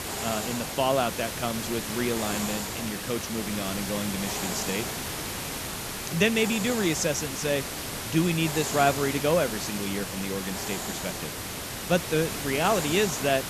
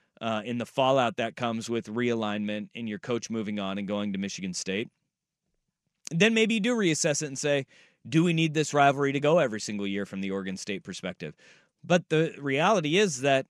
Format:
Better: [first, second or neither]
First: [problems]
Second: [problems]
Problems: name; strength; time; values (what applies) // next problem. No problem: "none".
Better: second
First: hiss; loud; throughout; 4 dB below the speech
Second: none